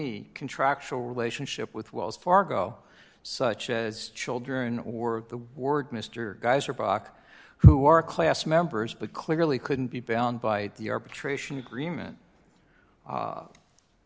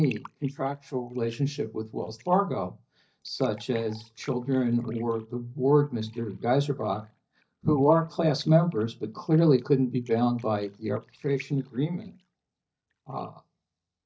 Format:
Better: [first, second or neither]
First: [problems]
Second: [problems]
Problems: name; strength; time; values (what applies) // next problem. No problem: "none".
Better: first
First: none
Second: noise reduction (neural mask model DeepFilterNet 3)